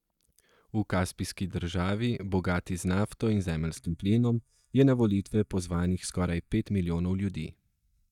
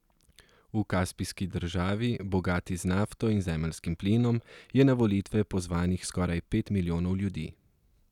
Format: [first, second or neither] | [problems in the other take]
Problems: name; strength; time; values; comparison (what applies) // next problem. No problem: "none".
second | noise reduction (neural mask model DeepFilterNet 3)